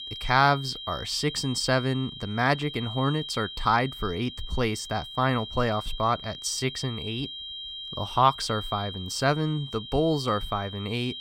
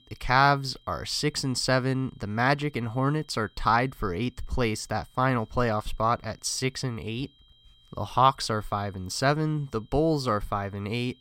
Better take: second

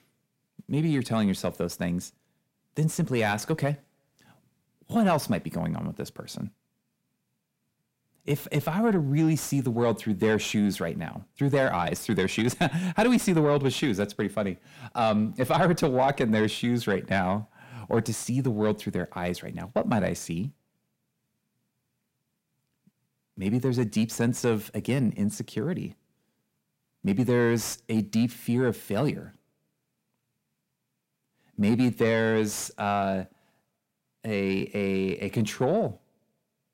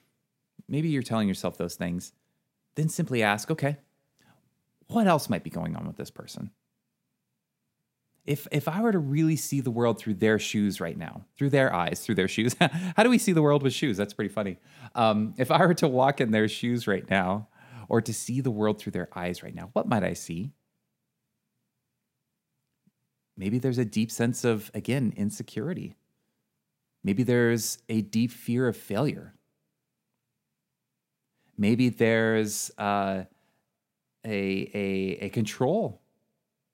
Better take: second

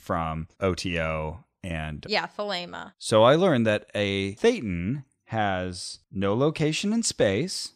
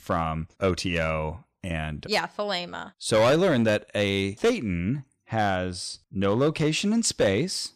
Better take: first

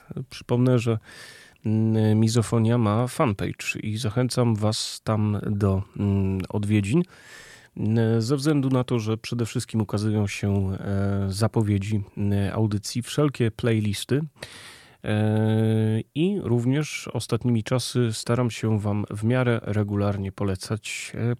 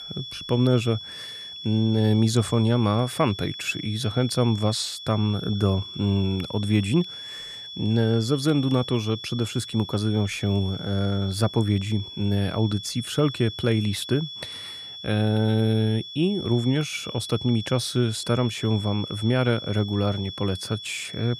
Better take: first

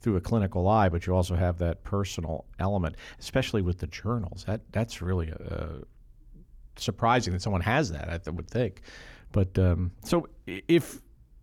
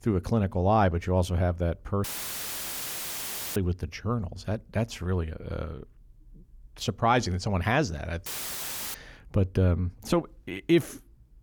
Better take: first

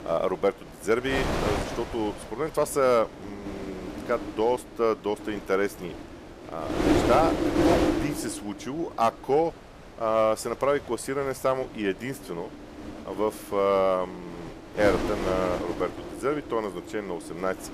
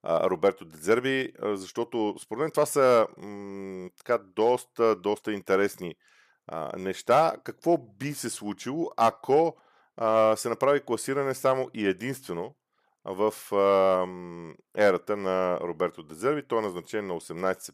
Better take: second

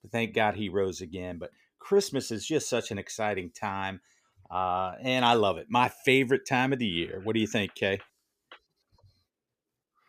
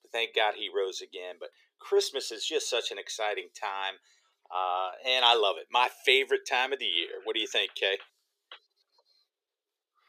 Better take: first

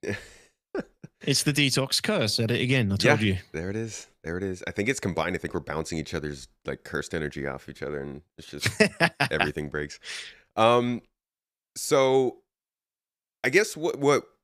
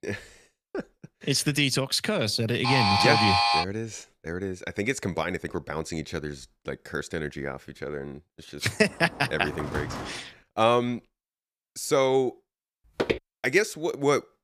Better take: first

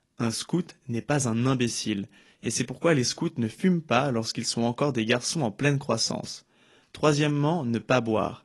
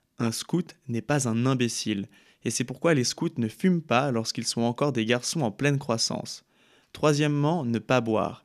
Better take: second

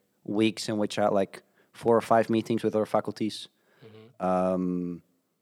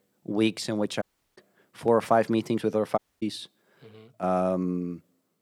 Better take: first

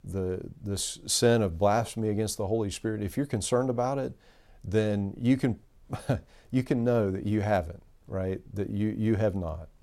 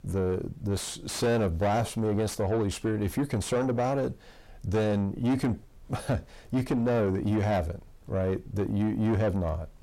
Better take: first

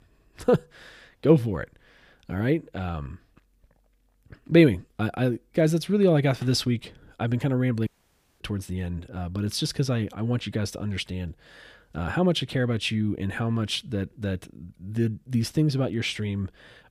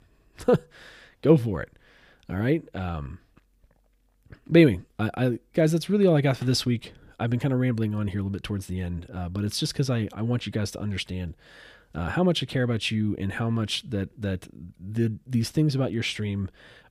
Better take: second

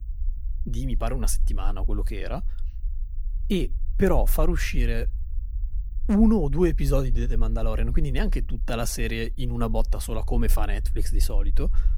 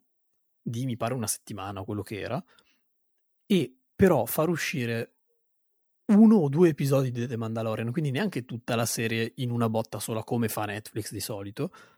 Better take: second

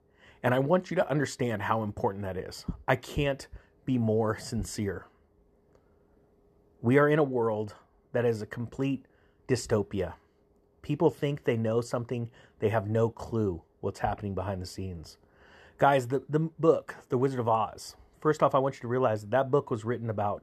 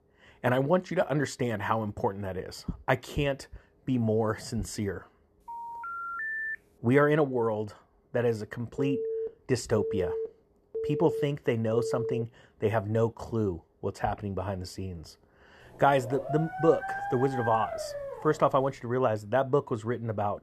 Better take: first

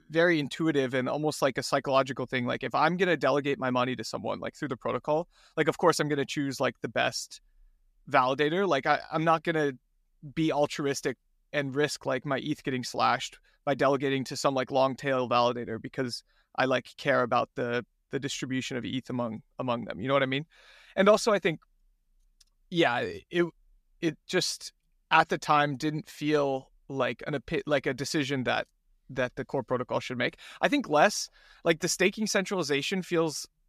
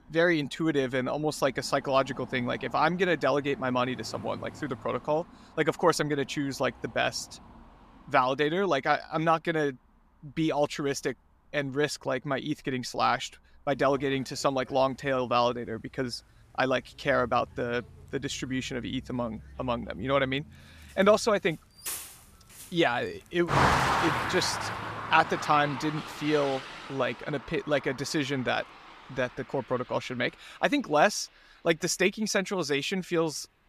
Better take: first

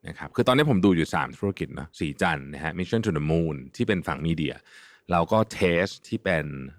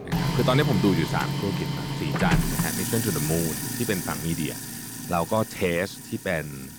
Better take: first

